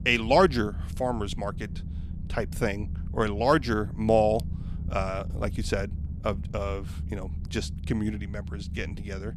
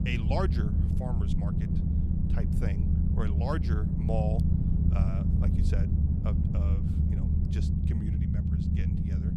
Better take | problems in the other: first | low rumble; loud; throughout; as loud as the speech; faint in the first

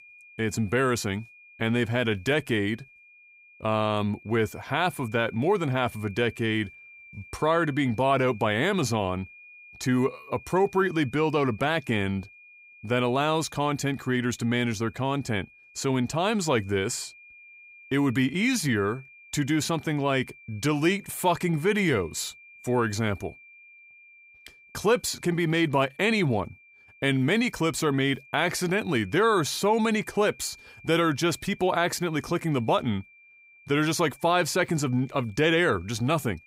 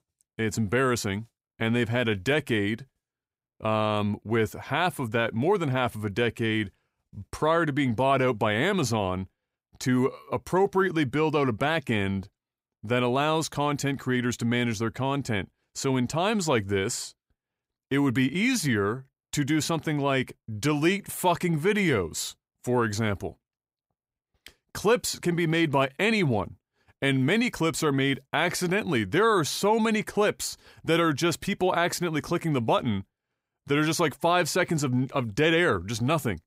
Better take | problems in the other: second | high-pitched whine; faint; throughout; 2.5 kHz, 25 dB below the speech

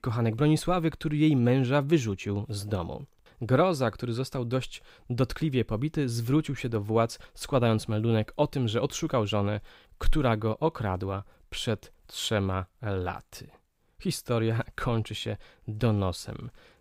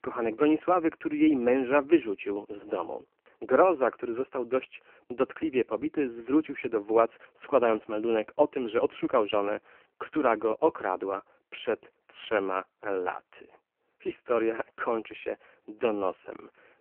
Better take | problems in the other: first | phone-call audio; poor line; nothing above 3 kHz

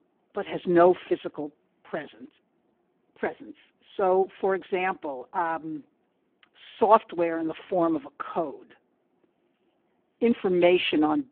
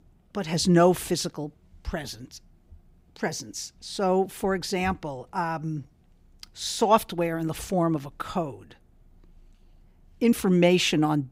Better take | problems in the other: second | phone-call audio; poor line

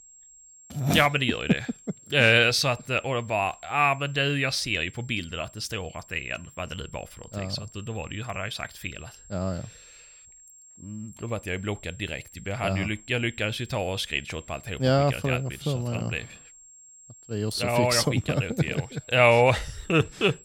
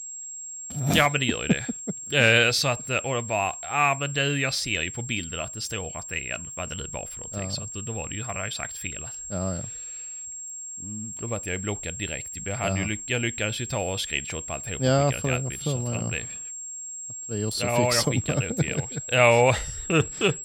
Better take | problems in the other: first | high-pitched whine; loud; throughout; 7.5 kHz, 9 dB below the speech; faint in the first

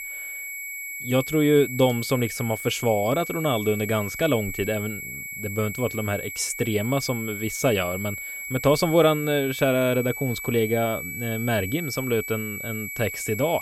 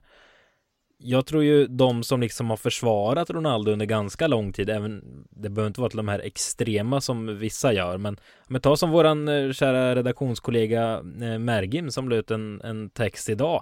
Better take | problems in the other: second | high-pitched whine; loud; throughout; 2 kHz, 7 dB below the speech

